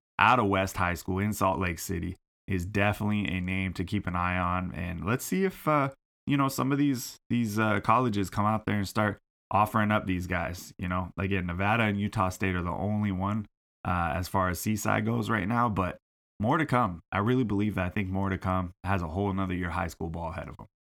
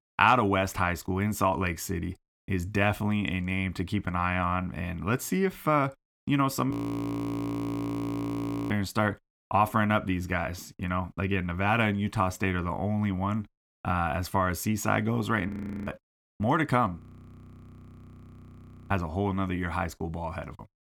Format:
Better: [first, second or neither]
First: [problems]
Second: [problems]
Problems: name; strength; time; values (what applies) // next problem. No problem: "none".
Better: first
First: none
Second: audio freezing; at 6.5 s for 2 s, at 15 s and at 17 s for 2 s